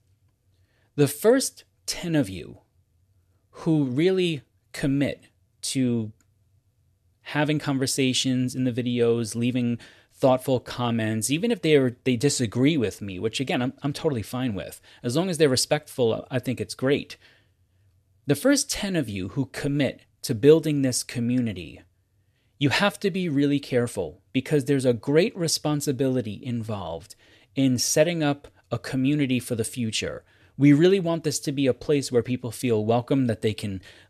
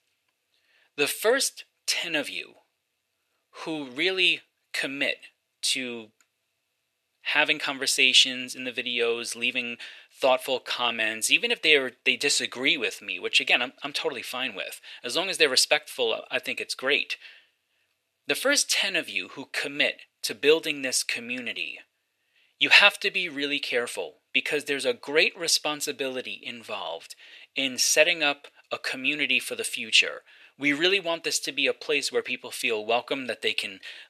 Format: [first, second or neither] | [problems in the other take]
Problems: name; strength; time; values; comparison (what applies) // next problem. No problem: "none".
first | thin; somewhat; fading below 550 Hz